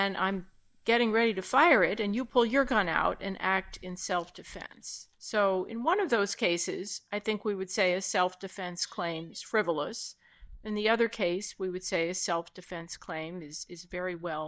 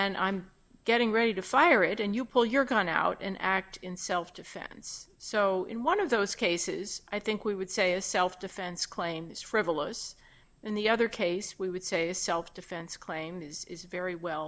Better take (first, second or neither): second